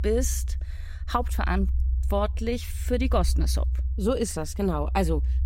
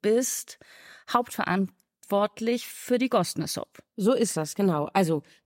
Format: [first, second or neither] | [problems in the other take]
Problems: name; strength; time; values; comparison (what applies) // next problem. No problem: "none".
second | low rumble; noticeable; throughout; 20 dB below the speech